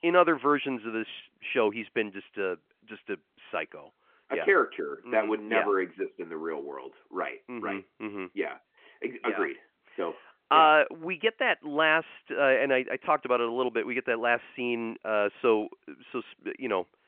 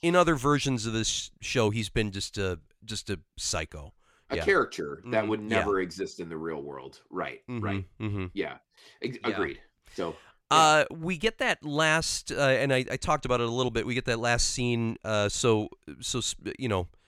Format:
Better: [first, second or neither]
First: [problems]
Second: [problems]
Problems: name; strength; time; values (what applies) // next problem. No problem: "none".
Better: second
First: phone-call audio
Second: none